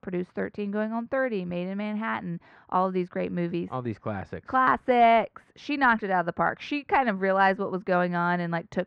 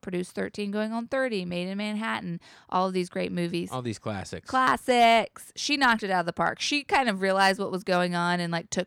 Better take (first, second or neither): second